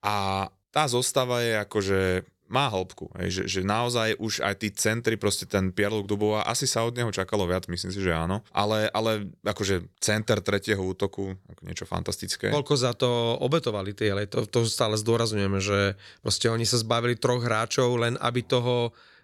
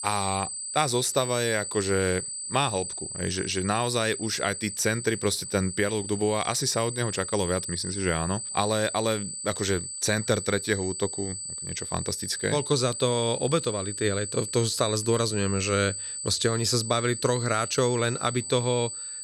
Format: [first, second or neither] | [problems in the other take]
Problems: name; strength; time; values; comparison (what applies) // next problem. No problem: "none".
first | high-pitched whine; loud; throughout; 8 kHz, 6 dB below the speech